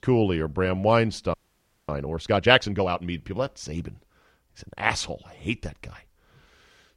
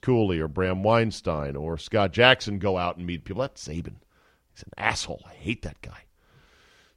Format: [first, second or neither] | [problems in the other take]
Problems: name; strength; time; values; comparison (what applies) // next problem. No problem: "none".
second | audio freezing; at 1.5 s for 0.5 s